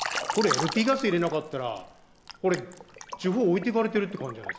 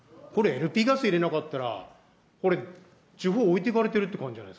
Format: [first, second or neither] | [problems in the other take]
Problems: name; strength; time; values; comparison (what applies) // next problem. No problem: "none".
second | background sound (Liquid); 8 dB below the speech